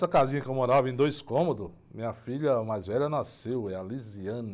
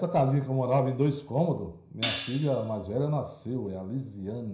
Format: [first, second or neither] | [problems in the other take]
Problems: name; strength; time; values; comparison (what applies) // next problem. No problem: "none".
first | background sound (Hi-hat); 10 dB below the speech // room echo; dies away in 0.5 s